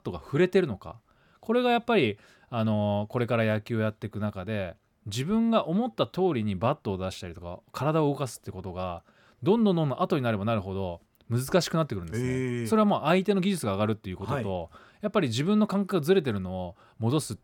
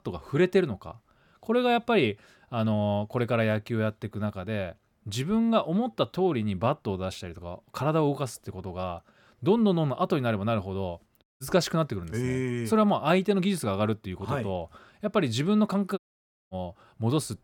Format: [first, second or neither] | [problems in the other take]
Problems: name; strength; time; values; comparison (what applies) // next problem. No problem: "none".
first | audio cutting out; at 11 s and at 16 s for 0.5 s